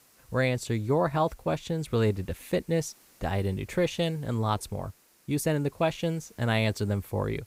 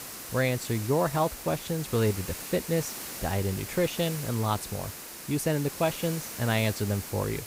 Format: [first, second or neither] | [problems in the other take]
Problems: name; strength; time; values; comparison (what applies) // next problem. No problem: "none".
first | hiss; loud; throughout; 8 dB below the speech; faint in the first